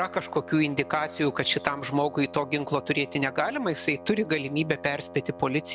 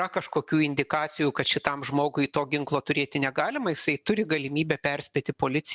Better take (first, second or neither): second